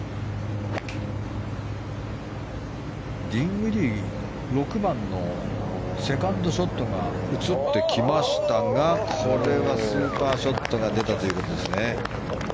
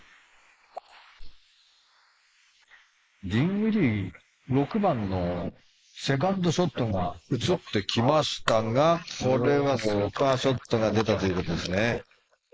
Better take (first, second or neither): first